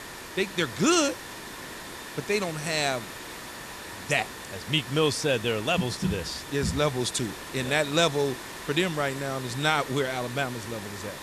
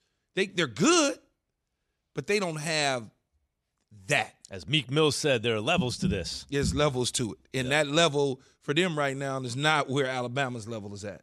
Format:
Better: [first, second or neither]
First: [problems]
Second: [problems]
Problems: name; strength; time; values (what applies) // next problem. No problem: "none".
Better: second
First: hiss; noticeable; throughout; 10 dB below the speech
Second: none